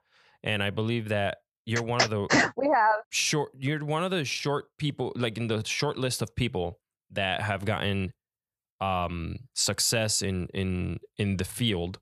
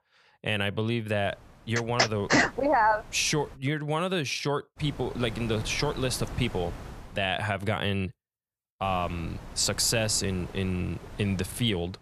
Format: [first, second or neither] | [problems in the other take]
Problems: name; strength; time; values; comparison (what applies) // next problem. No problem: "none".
first | wind noise on the microphone; occasional gusts; from 1 to 3.5 s, from 5 to 7.5 s and from 9 s on; 20 dB below the speech